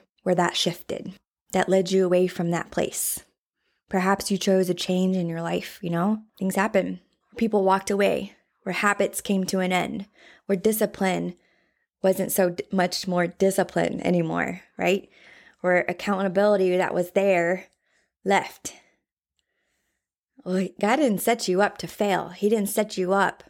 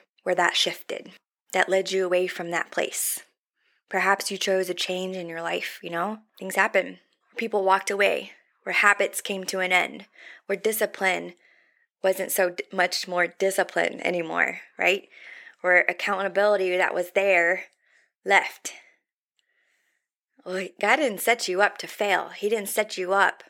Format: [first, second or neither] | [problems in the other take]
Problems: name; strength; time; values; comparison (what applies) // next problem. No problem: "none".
first | thin; somewhat; fading below 400 Hz